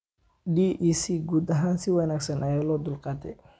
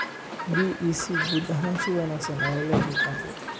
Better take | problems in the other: first | background sound (Chirp, tweet); 1 dB below the speech

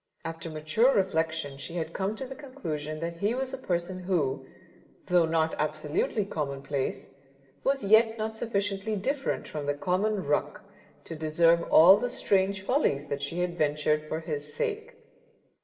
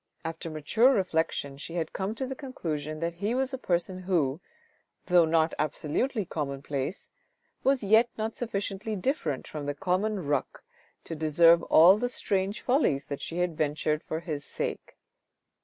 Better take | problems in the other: second | room echo; dies away in 2.5 s

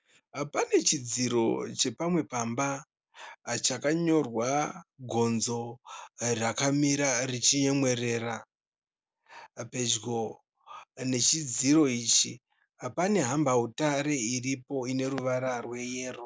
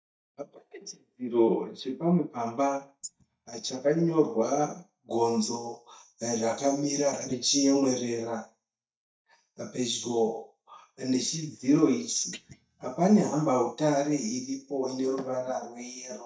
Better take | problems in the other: first | noise reduction (neural mask model DeepFilterNet 3)

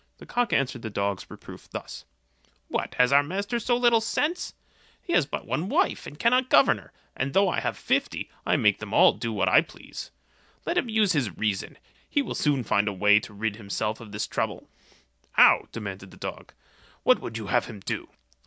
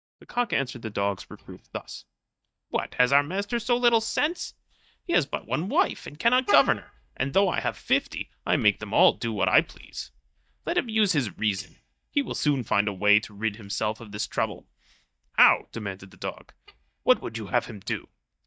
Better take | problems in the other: first | noise reduction (neural mask model DeepFilterNet 3)

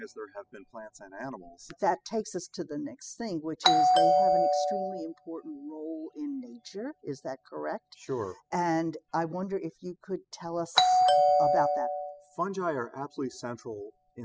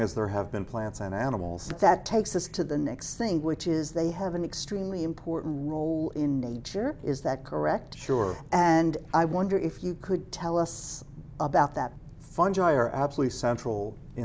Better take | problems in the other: second | noise reduction (classical method spectral subtraction)

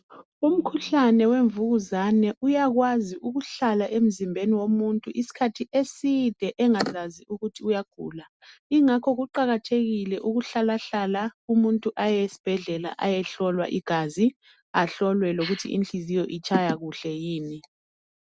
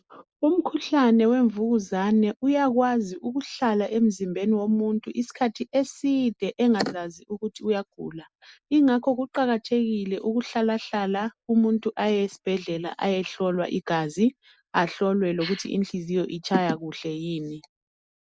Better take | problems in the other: first | noise reduction (neural mask model Resemble Enhance denoiser)

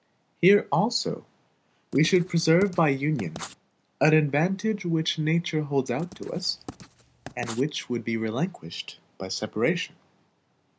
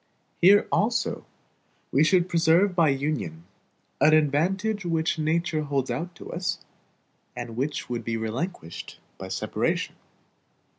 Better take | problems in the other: second | background sound (Writing); 17 dB below the speech

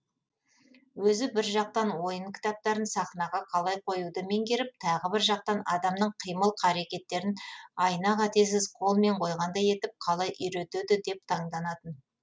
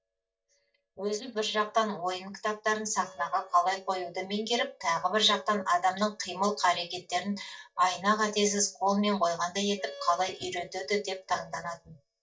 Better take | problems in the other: first | noise reduction (neural mask model DeepFilterNet 3)

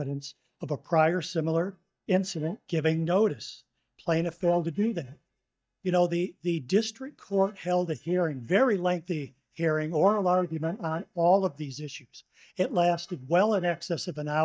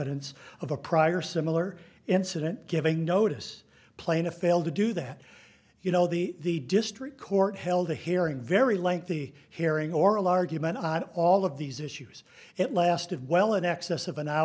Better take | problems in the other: second | noise reduction (neural mask model DeepFilterNet 3)

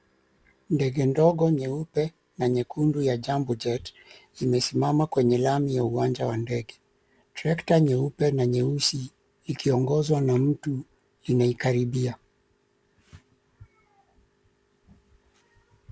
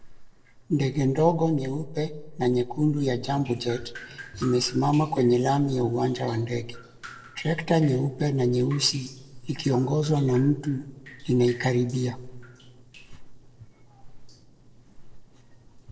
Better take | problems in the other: first | noise reduction (neural separator model SepFormer DNS4)

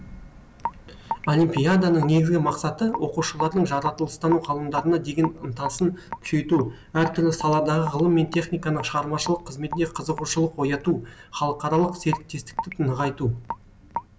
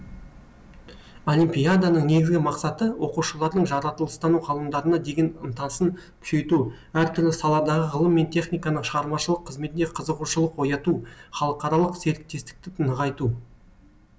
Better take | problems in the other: second | background sound (Raindrop / Drip); 13 dB below the speech

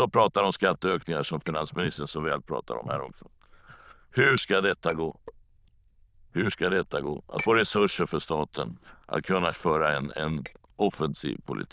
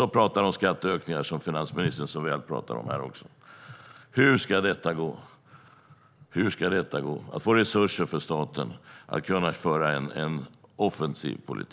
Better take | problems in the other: second | noise reduction (neural diffusion model UNIVERSE++)

